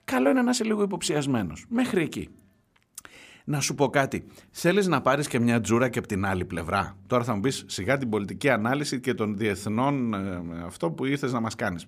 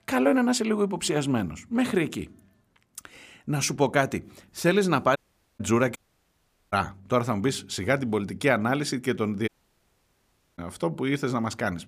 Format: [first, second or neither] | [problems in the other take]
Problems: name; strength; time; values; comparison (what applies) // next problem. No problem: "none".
first | audio cutting out; at 5 s, at 6 s for 1 s and at 9.5 s for 1 s